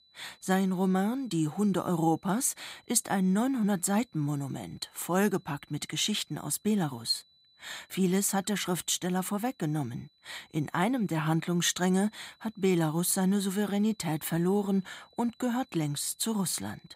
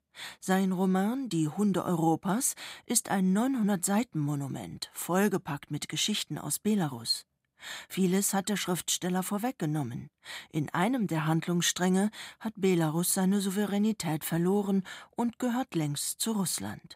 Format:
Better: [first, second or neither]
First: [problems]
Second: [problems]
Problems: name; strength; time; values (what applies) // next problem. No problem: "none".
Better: second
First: high-pitched whine; faint; throughout; 4 kHz, 35 dB below the speech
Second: none